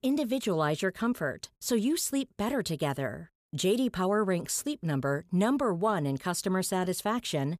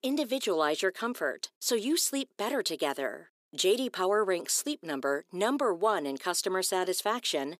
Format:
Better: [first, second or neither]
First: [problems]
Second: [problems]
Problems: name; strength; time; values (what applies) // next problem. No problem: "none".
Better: first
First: none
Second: thin; somewhat; fading below 300 Hz